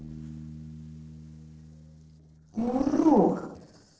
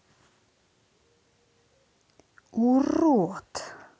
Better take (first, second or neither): second